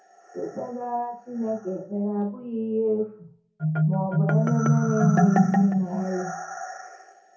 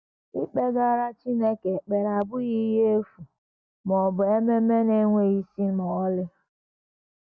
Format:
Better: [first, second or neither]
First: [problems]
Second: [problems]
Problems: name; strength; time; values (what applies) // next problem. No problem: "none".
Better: second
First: background sound (Marimba, xylophone); 2 dB above the speech // room echo; dies away in 0.5 s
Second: none